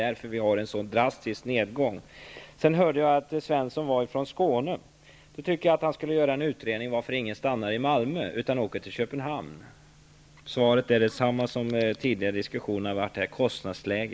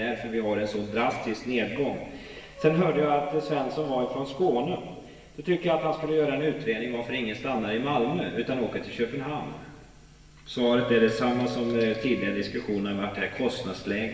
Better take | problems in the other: first | background sound (Wind instrument, woodwind instrument); 13 dB below the speech // room echo; dies away in 1.4 s

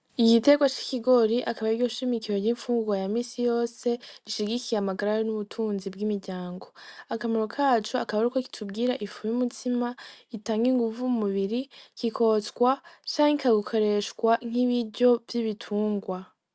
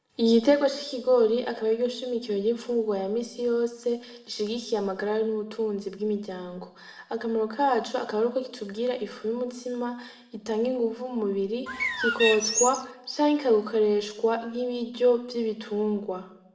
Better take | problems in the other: first | background sound (Bird); 1 dB below the speech // room echo; dies away in 0.7 s

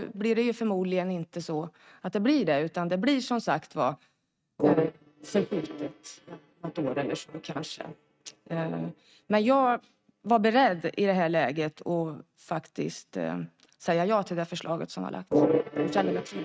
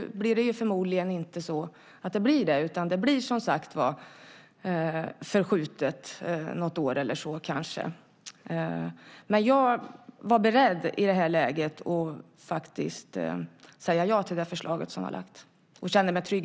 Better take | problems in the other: second | noise reduction (neural mask model RNNoise)

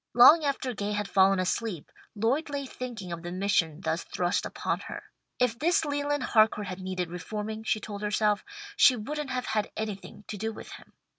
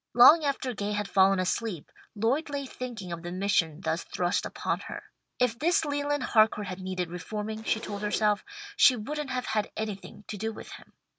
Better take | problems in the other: first | background sound (Zipper (clothing)); 18 dB below the speech

